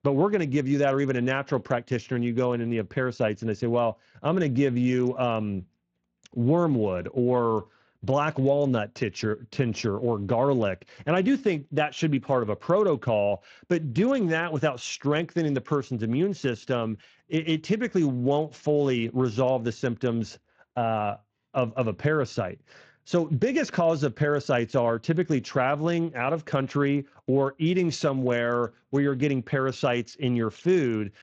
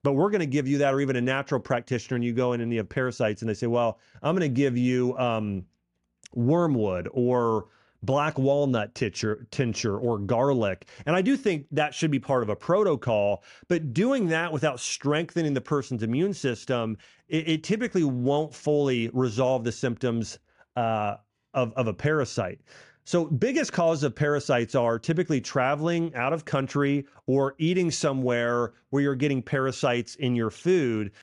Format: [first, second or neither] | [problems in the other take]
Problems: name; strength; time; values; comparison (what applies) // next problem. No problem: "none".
second | garbled, watery; slightly